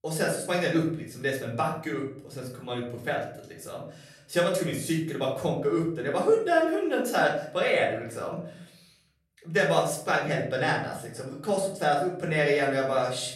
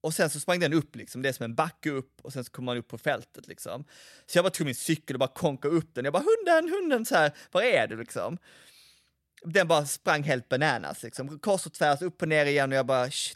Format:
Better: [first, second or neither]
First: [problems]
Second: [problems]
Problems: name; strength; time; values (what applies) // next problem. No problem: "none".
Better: second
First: off-mic speech; far // room echo; slight; dies away in 0.5 s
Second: none